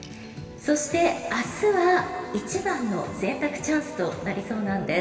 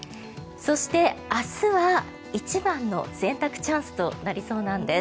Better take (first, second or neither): second